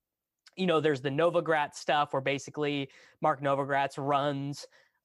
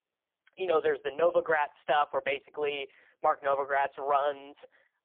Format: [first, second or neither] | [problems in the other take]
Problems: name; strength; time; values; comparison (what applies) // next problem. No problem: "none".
first | phone-call audio; poor line; nothing above 3.5 kHz